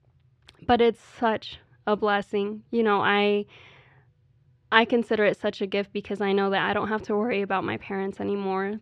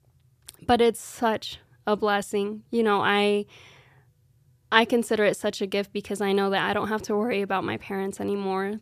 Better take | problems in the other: second | muffled; slightly; fading above 3 kHz

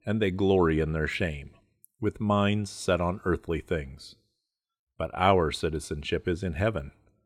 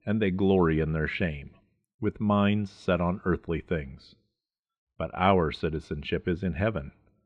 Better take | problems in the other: first | muffled; slightly; fading above 3 kHz

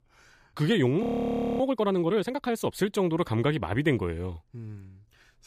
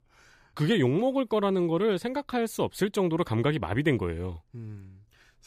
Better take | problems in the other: second | audio freezing; at 1 s for 0.5 s

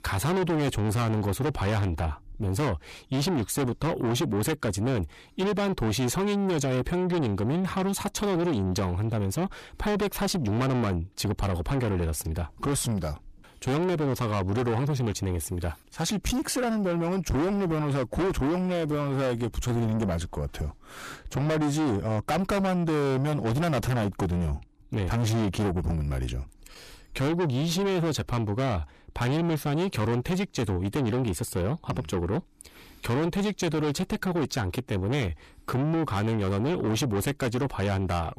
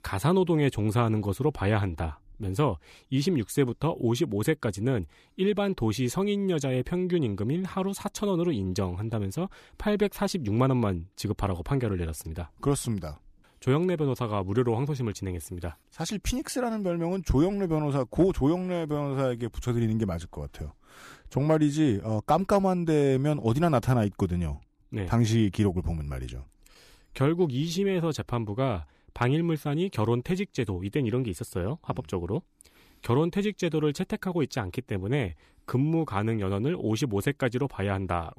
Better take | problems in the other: second | distortion; heavy; 6 dB below the speech

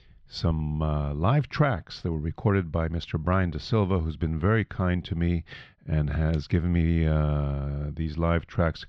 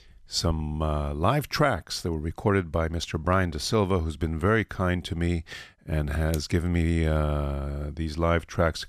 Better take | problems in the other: second | muffled; very slightly; fading above 4 kHz

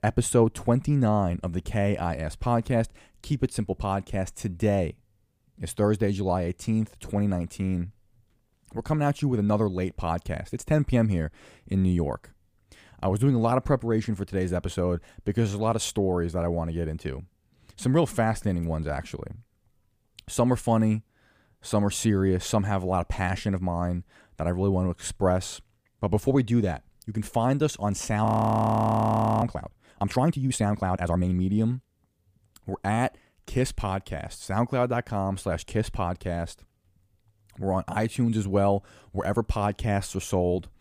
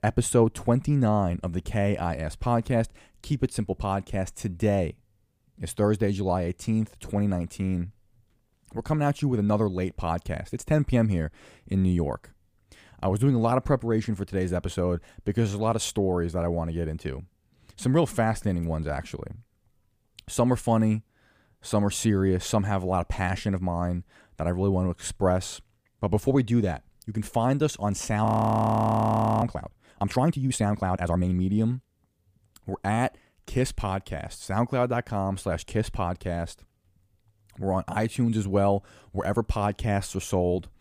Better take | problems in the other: neither | audio freezing; at 28 s for 1 s; the same in both

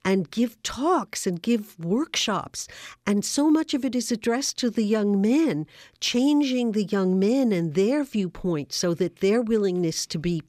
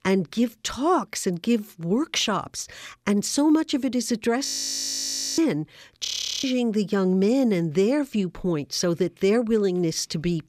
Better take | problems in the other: first | audio freezing; at 4.5 s for 1 s and at 6 s

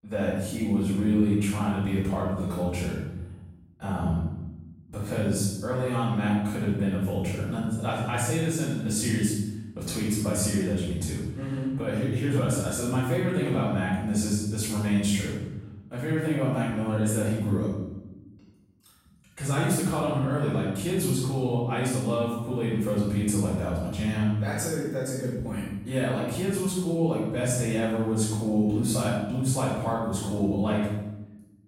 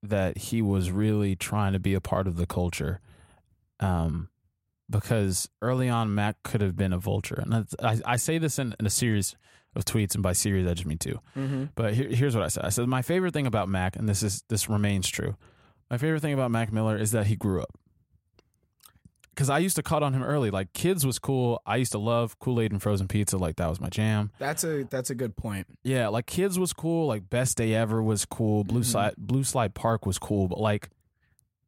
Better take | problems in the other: second | off-mic speech; far // room echo; strong; dies away in 0.9 s

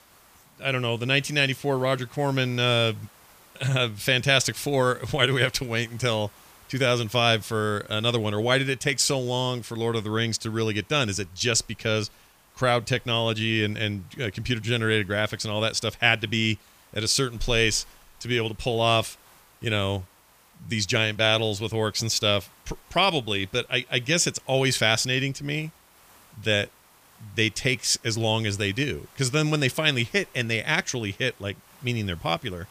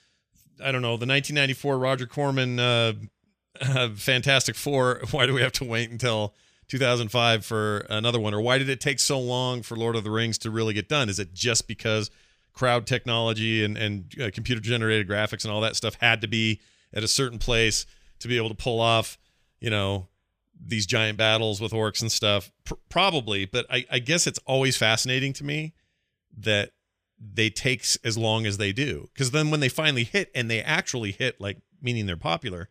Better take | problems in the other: second | hiss; faint; throughout; 30 dB below the speech

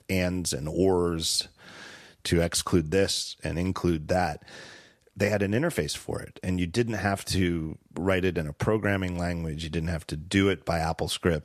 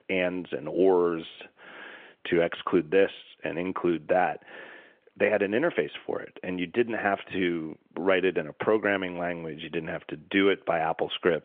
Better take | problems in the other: first | phone-call audio; nothing above 3.5 kHz

